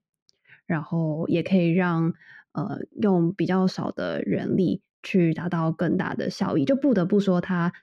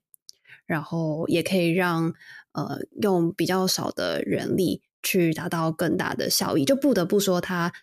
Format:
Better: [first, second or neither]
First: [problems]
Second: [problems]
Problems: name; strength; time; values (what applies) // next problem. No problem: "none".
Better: second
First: muffled; slightly; fading above 2.5 kHz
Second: none